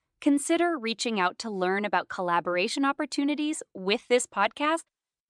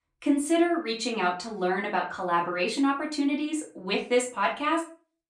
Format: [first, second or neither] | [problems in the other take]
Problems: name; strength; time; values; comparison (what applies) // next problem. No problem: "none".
first | off-mic speech; far // room echo; slight; dies away in 0.3 s